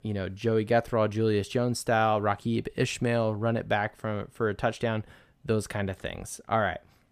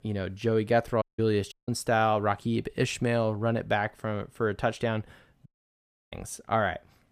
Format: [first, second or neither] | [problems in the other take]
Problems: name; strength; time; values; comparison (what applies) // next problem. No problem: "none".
first | audio cutting out; at 1 s, at 1.5 s and at 5.5 s for 0.5 s